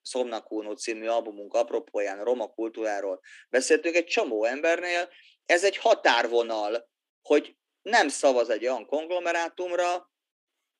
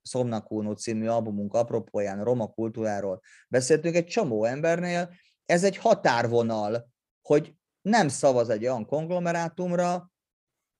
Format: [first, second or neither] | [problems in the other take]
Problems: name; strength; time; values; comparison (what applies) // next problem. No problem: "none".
second | thin; somewhat; fading below 250 Hz